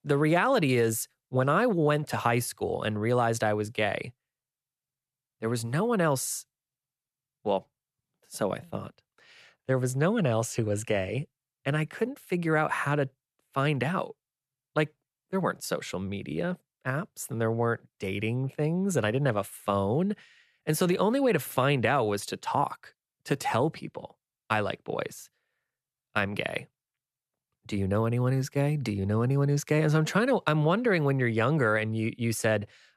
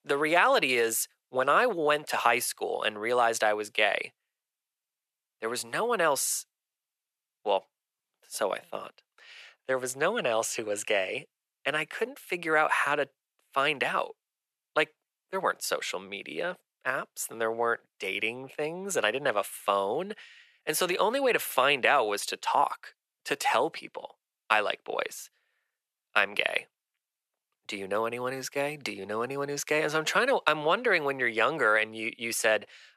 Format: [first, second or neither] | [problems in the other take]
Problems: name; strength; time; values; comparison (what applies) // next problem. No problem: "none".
first | thin; very; fading below 550 Hz